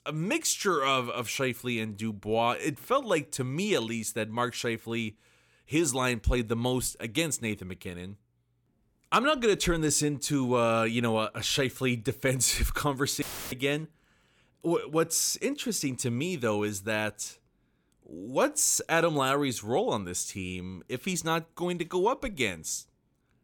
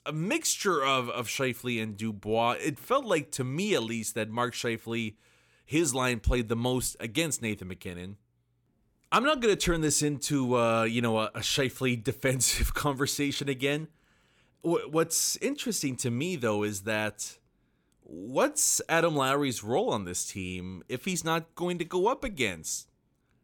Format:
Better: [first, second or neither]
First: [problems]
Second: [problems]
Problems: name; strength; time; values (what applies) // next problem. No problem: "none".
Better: second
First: audio cutting out; filled with static; at 13 s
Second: none